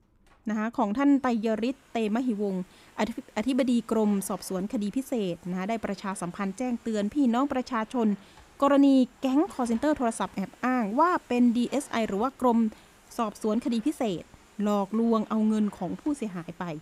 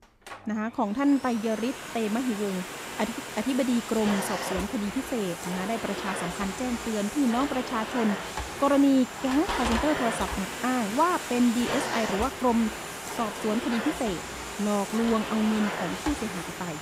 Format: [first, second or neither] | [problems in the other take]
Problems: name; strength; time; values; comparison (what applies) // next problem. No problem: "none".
first | household noises; loud; throughout; 5 dB below the speech; faint in the first